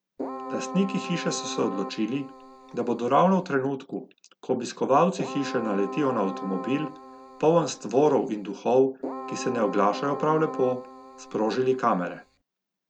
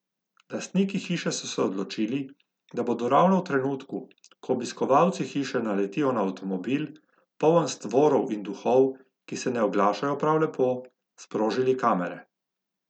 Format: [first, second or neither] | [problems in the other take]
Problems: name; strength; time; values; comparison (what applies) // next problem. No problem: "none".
second | background sound (Keyboard (musical)); 11 dB below the speech